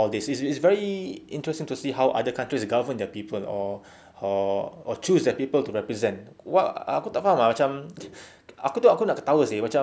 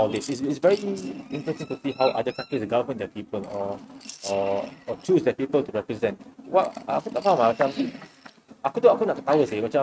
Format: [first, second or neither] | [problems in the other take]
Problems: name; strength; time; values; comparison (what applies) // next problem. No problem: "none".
first | noise reduction (neural mask model RNNoise)